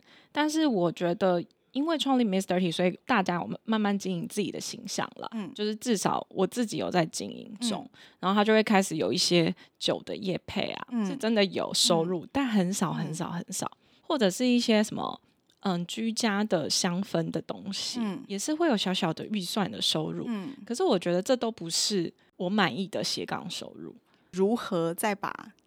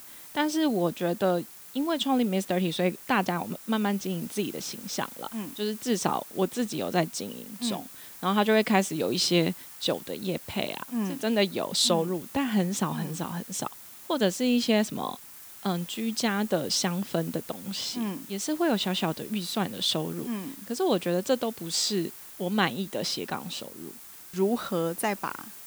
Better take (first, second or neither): first